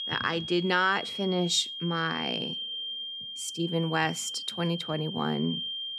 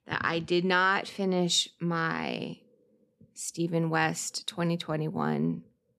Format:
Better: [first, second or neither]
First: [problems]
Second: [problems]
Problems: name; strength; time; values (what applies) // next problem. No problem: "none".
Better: second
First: high-pitched whine; loud; throughout; 3 kHz, 5 dB below the speech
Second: none